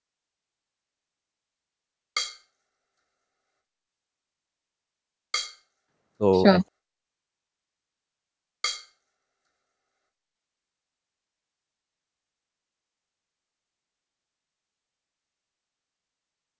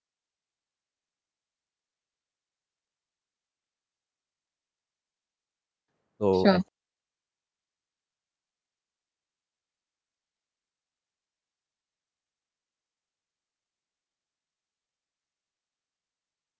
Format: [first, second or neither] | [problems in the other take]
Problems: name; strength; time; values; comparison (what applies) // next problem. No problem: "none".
second | background sound (Drum kit); 5 dB below the speech